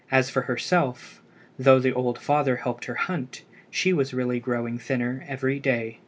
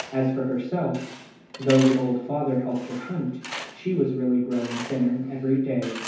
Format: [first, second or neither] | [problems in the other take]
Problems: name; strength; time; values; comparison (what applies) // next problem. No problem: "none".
first | background sound (Tools); 15 dB below the speech // room echo; dies away in 0.9 s